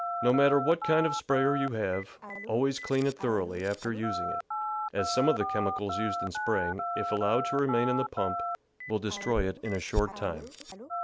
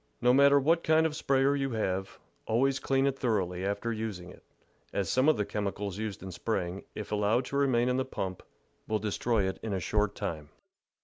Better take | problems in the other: second | background sound (Telephone); 5 dB below the speech

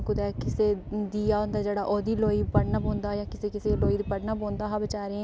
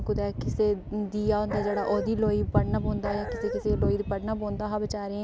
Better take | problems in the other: first | background sound (Dog); 7 dB below the speech

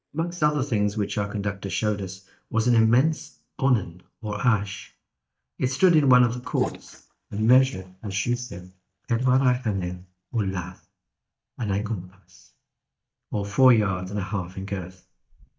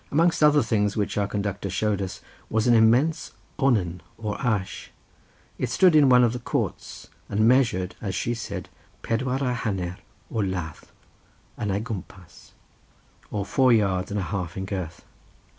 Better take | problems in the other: second | noise reduction (neural mask model DeepFilterNet 3)

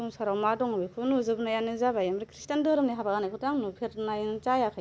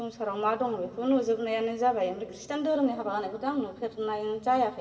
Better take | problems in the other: first | room echo; dies away in 1.9 s

